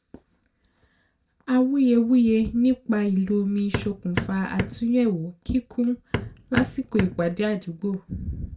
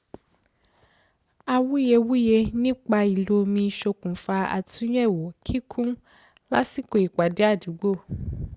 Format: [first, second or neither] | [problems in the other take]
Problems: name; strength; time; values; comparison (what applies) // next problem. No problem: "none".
second | background sound (Hammer); 7 dB below the speech // room echo; dies away in 0.2 s